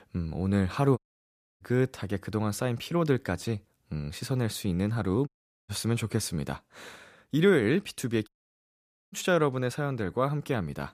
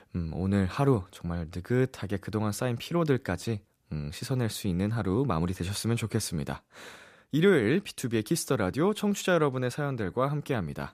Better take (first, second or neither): second